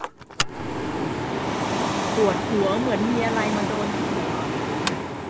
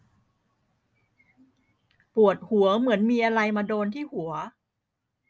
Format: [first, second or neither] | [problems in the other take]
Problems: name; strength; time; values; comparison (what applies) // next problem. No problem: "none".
second | background sound (Mechanical fan); 3 dB above the speech